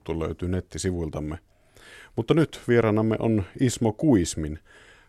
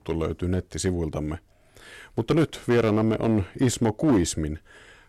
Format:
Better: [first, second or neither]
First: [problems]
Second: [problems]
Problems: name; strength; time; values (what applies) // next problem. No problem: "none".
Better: first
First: none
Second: distortion; slight; 5% of the sound clipped